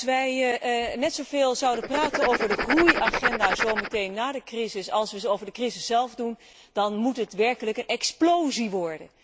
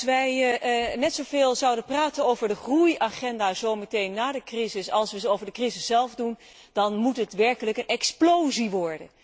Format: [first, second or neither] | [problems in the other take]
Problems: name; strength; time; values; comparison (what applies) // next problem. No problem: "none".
second | background sound (Writing); 1 dB below the speech